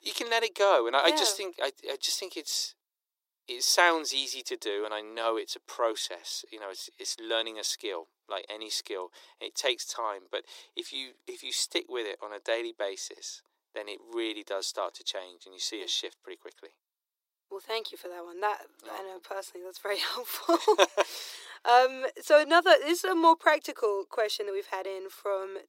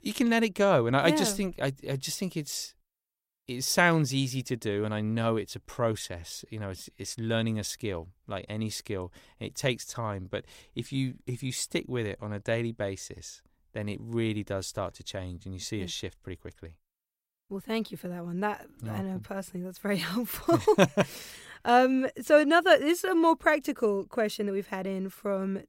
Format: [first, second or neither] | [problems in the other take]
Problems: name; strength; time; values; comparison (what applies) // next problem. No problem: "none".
second | thin; very; fading below 350 Hz